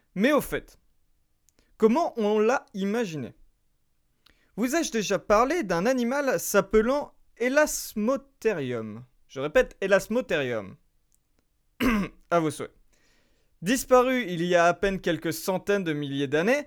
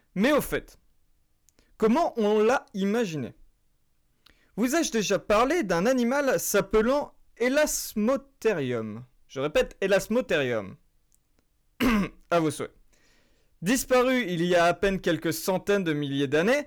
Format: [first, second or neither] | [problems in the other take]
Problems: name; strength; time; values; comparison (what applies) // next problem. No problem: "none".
first | distortion; slight; 4% of the sound clipped